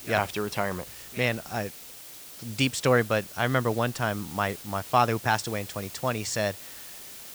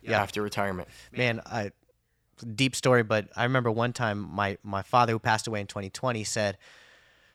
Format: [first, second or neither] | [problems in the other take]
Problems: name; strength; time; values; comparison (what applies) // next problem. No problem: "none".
second | hiss; noticeable; throughout; 15 dB below the speech